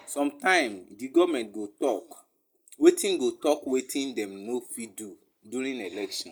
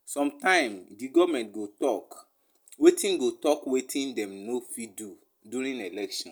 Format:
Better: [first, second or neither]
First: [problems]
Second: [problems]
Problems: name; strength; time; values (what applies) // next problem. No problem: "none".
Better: second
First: noise reduction (neural mask model Resemble Enhance denoiser)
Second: none